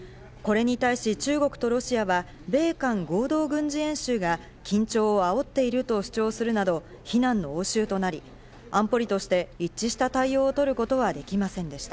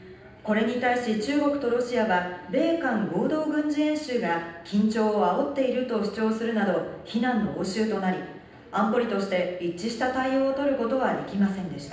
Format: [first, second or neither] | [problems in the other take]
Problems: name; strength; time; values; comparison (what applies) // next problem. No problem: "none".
first | room echo; dies away in 0.9 s